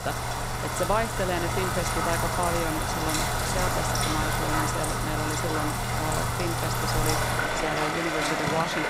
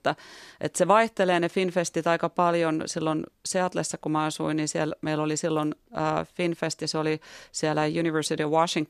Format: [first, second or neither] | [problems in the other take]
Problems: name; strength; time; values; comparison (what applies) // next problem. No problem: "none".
second | rain or running water; very loud; throughout; 5 dB above the speech